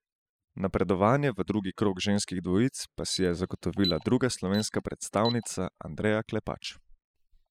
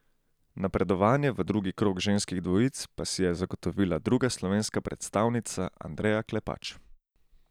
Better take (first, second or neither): second